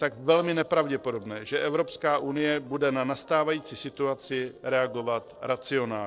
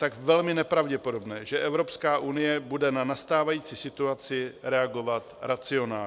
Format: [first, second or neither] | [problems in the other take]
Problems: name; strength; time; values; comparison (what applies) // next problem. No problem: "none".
second | noise reduction (neural separator model SepFormer DNS4)